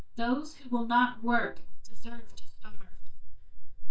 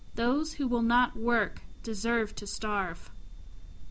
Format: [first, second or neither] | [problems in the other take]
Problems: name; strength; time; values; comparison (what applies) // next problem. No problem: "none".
second | noise reduction (neural mask model DeepFilterNet 3)